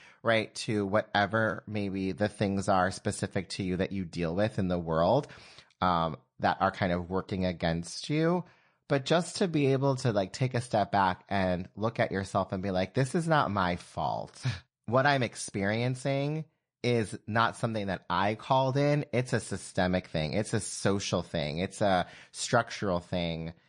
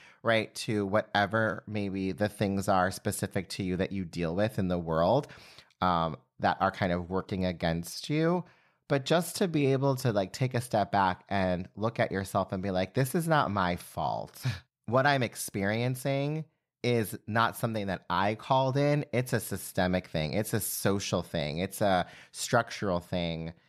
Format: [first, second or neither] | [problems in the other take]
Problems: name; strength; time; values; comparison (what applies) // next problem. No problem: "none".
second | garbled, watery; slightly